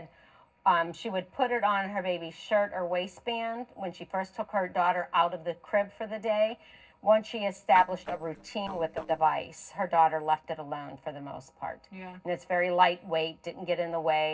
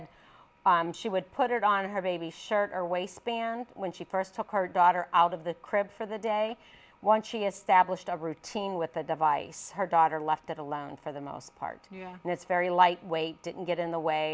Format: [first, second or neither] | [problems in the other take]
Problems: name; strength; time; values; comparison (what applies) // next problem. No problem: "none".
second | noise reduction (neural separator model SepFormer DNS4)